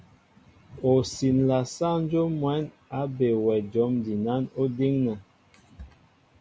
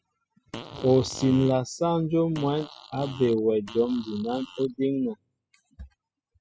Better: first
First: none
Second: noise reduction (classical method spectral subtraction)

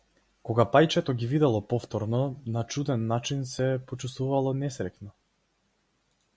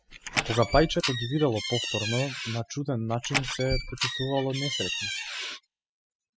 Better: first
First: none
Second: noise reduction (classical method spectral subtraction)

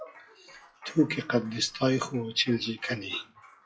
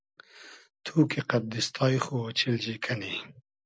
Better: second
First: noise reduction (classical method WPE with log-MMSE)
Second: none

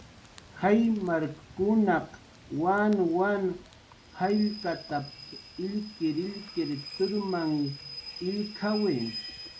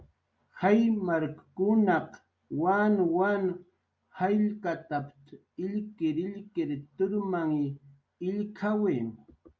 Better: second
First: background sound (Rain / Train); 16 dB below the speech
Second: none

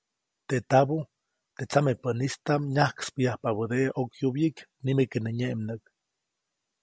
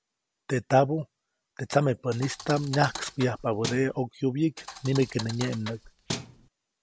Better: first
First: none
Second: background sound (Thump, thud); 11 dB below the speech

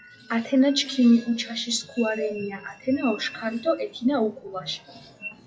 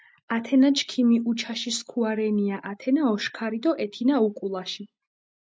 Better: second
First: noise reduction (classical method WPE with log-MMSE)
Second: none

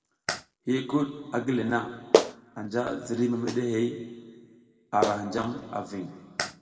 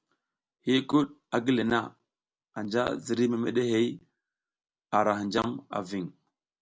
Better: second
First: background sound (Clapping); 3 dB below the speech // room echo; dies away in 1.7 s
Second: none

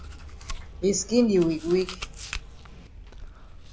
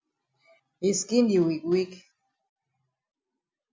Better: second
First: background sound (Chewing, mastication); 12 dB below the speech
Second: none

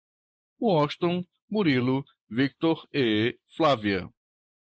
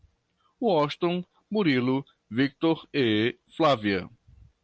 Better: second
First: noise reduction (neural mask model Resemble Enhance denoiser)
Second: none

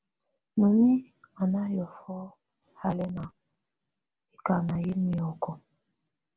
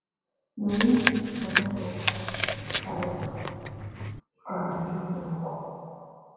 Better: first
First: none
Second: background sound (Chewing, mastication); as loud as the speech // room echo; dies away in 2.2 s

